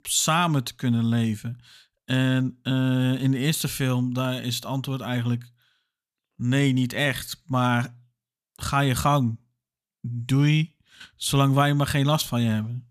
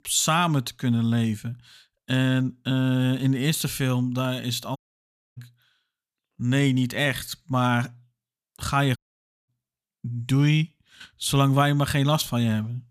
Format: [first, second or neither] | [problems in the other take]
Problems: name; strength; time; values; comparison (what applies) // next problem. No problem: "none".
first | audio cutting out; at 5 s for 0.5 s and at 9 s for 0.5 s